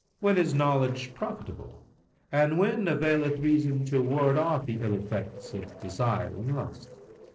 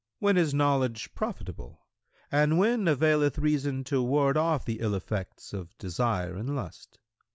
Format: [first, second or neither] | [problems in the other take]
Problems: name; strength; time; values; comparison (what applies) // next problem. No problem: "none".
second | noise reduction (neural separator model SepFormer DNS4)